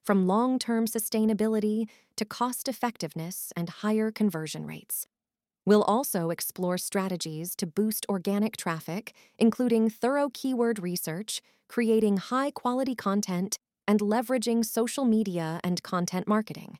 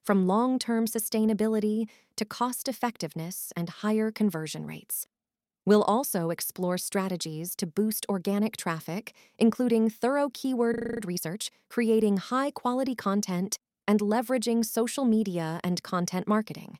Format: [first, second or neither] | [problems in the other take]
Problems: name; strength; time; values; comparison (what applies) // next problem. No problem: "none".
first | audio freezing; at 11 s